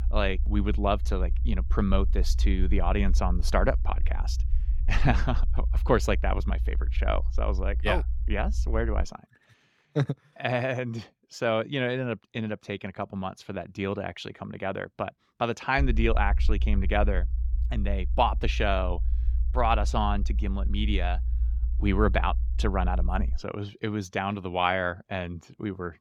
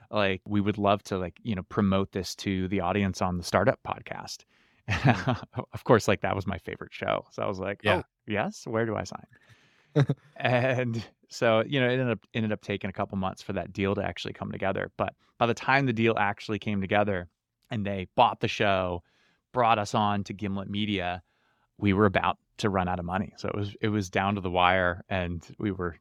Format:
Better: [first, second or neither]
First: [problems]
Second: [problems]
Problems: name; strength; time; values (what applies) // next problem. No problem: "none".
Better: second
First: low rumble; faint; until 9 s and from 16 to 23 s; 20 dB below the speech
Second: none